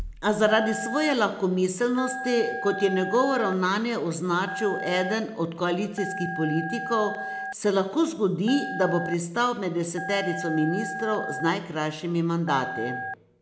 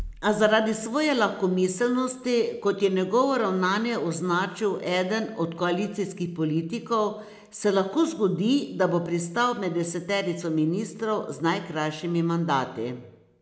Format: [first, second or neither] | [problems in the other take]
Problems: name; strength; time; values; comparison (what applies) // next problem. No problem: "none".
second | background sound (Telephone); 9 dB below the speech